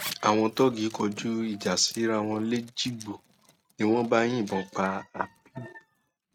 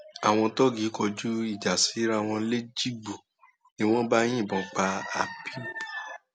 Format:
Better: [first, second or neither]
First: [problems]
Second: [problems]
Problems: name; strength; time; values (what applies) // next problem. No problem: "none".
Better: second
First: noise reduction (neural mask model RNNoise)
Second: none